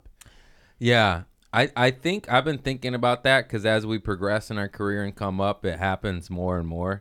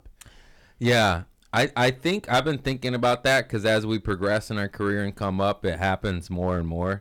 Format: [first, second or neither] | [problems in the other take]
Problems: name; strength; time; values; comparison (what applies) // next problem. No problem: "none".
first | distortion; slight; 4% of the sound clipped